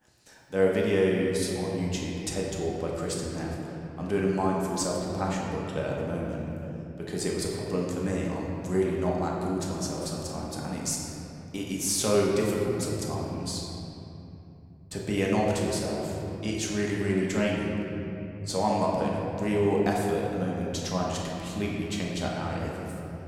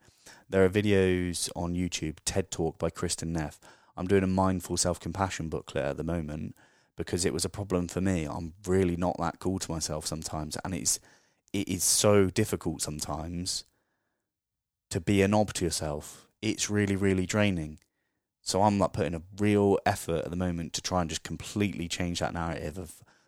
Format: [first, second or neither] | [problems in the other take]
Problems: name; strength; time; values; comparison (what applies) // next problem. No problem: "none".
second | room echo; noticeable; dies away in 3 s // off-mic speech; somewhat distant